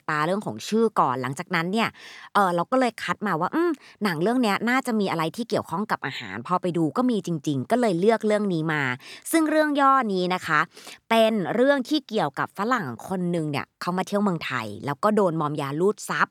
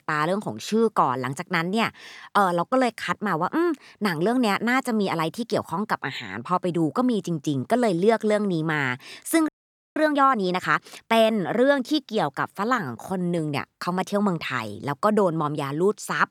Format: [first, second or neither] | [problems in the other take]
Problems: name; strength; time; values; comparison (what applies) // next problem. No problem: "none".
first | audio freezing; at 9.5 s